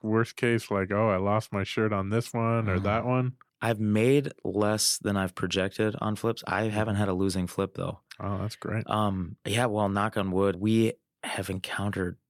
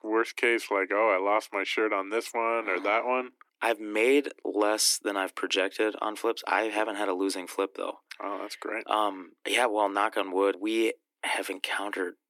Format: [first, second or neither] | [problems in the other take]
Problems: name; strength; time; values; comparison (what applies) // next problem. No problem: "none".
first | thin; somewhat; fading below 300 Hz